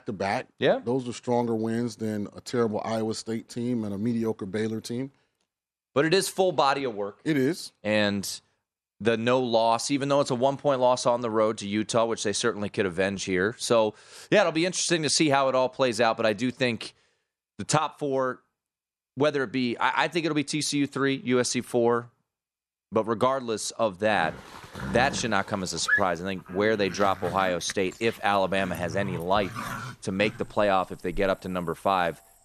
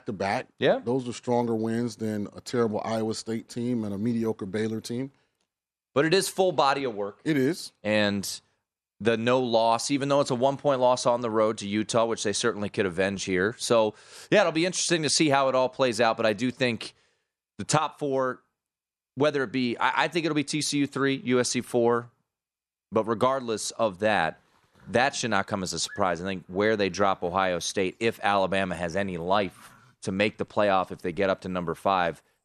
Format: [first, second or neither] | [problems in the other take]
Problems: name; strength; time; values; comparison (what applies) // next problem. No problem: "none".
second | animal sounds; loud; from 24 s on; 9 dB below the speech; faint in the second